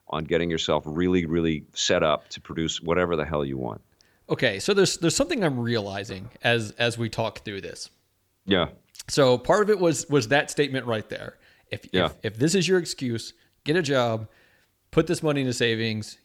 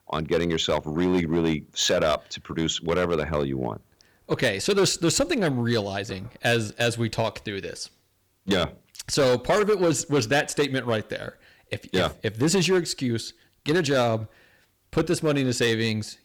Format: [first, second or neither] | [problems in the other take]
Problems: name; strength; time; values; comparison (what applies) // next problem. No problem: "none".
first | distortion; slight; 6% of the sound clipped